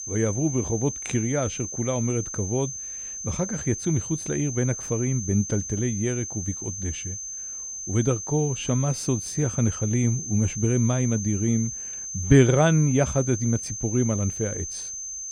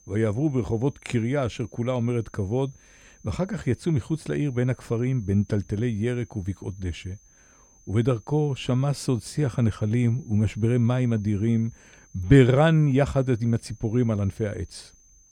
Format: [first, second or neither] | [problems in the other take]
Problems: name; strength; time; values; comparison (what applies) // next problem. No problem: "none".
second | high-pitched whine; loud; throughout; 6.5 kHz, 6 dB below the speech; faint in the second